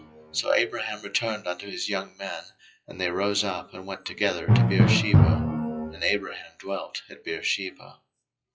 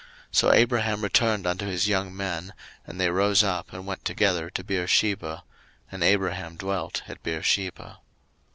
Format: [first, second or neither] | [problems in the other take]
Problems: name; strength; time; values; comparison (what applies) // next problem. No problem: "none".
second | noise reduction (classical method WPE with log-MMSE)